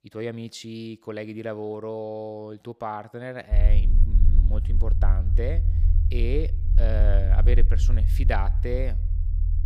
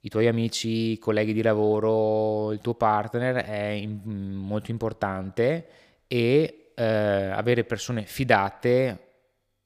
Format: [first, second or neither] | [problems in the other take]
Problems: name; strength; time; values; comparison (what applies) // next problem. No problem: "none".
second | low rumble; loud; from 3.5 s on; 10 dB below the speech